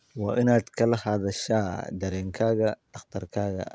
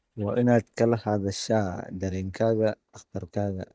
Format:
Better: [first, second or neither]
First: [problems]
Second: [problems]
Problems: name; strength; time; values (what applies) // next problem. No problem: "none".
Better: first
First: none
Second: noise reduction (neural mask model DeepFilterNet 3)